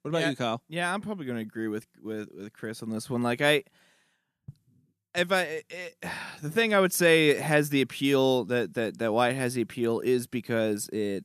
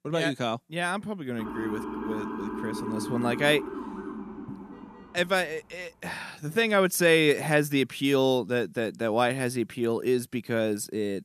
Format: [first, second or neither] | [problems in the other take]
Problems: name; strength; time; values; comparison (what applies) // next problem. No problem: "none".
first | siren; noticeable; from 1.5 to 5.5 s; peak 7 dB below the speech